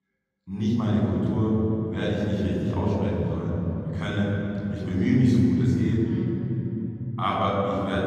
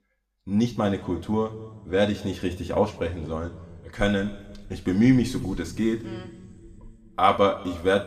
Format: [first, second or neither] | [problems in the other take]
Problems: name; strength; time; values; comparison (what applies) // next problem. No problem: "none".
second | room echo; strong; dies away in 3 s; slight in the second // off-mic speech; far; somewhat distant in the second